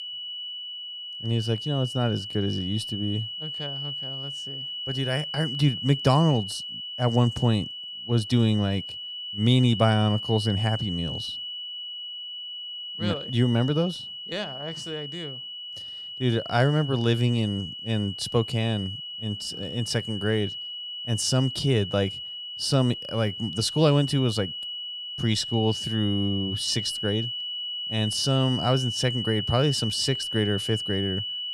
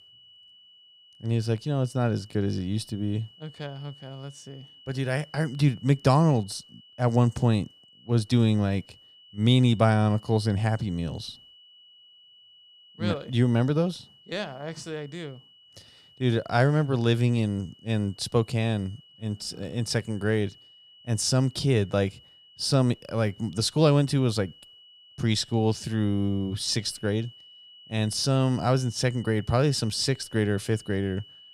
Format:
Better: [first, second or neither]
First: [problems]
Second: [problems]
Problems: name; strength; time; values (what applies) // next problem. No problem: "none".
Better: second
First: high-pitched whine; loud; throughout; 3 kHz, 6 dB below the speech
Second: high-pitched whine; faint; throughout; 3 kHz, 25 dB below the speech